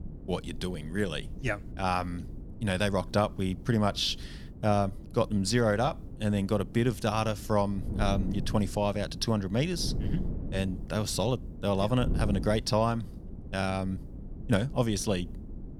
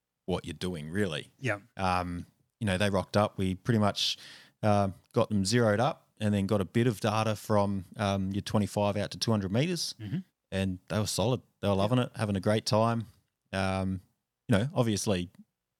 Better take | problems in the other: second | wind noise on the microphone; occasional gusts; 20 dB below the speech

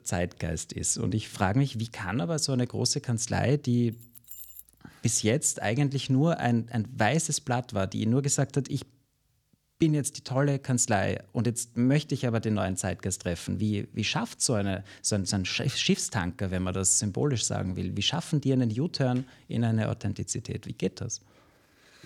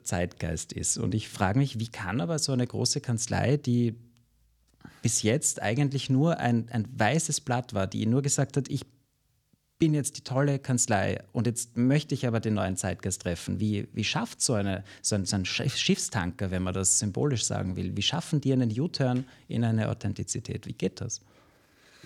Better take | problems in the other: second | jangling keys; faint; at 4 s; peak 15 dB below the speech

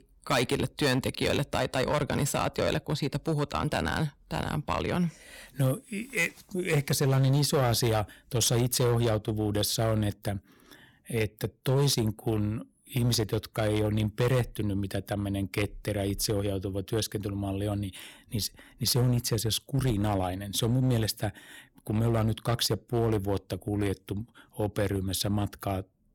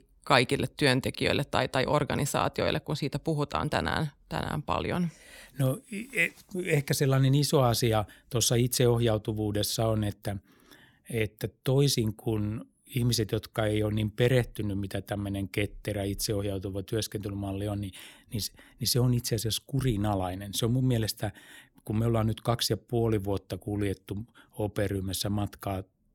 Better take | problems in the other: second | distortion; slight; 5% of the sound clipped

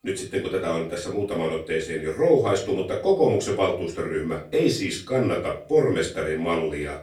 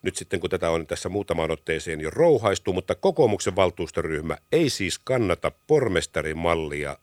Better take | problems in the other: second | off-mic speech; far // room echo; slight; dies away in 0.3 s

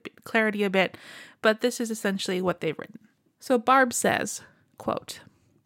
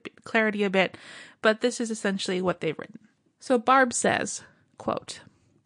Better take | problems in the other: first | garbled, watery; slightly; nothing above 9.5 kHz

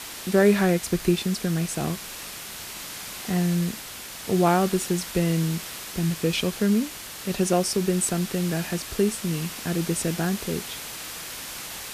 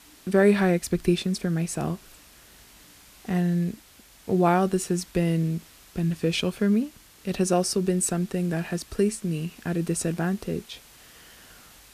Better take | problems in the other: second | hiss; loud; throughout; 9 dB below the speech; faint in the second

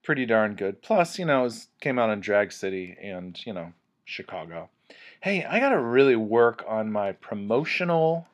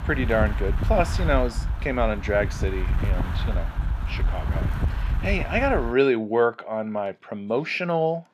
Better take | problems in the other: first | wind noise on the microphone; occasional gusts; until 6 s; 10 dB below the speech

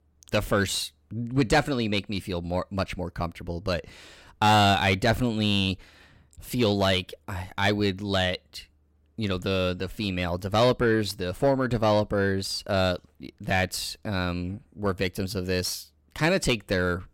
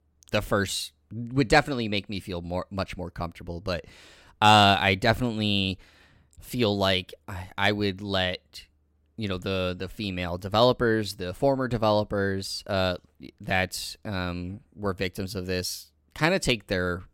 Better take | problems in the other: second | distortion; slight; 10 dB below the speech

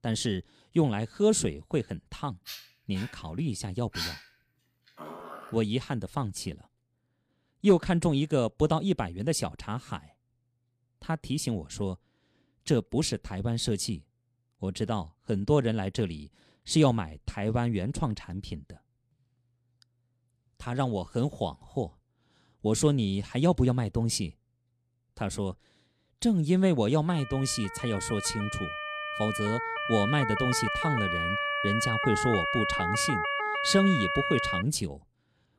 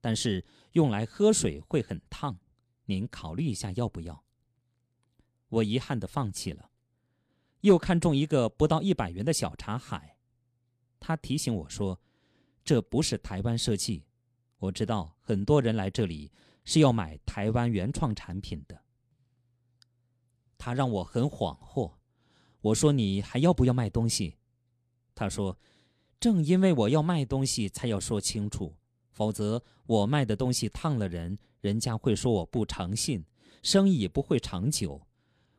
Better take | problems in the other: second | dog barking; noticeable; from 2.5 to 5.5 s; peak 5 dB below the speech // siren; loud; from 27 to 35 s; peak 1 dB above the speech

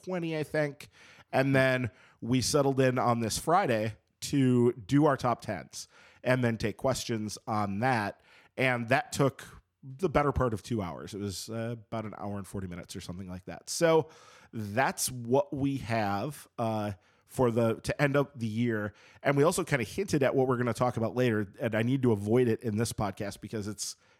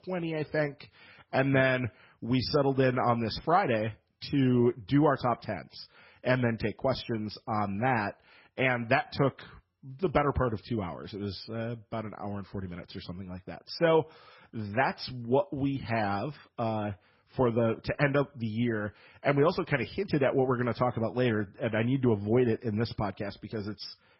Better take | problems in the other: first | garbled, watery; badly; nothing above 5.5 kHz

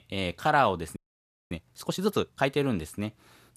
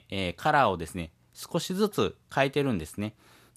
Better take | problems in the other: second | audio freezing; at 1 s for 0.5 s

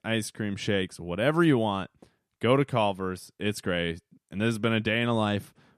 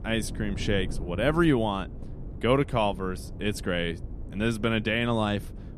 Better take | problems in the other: first | wind noise on the microphone; occasional gusts; 20 dB below the speech

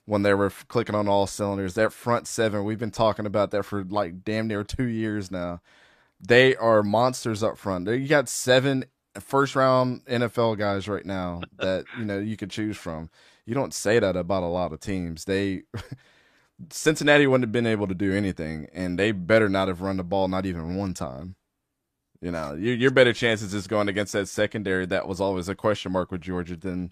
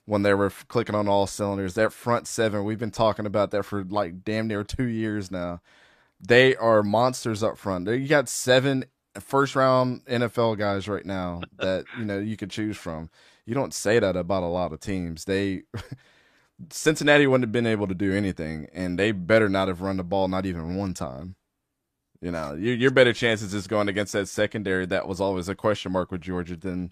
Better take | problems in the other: neither | none

